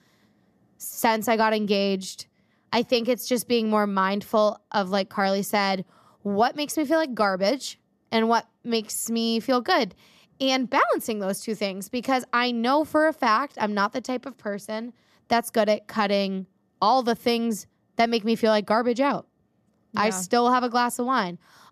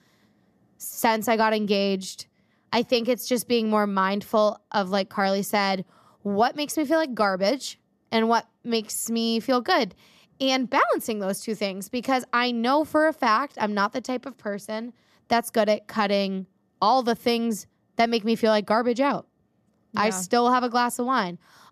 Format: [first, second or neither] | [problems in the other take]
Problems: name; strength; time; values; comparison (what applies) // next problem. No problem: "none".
neither | none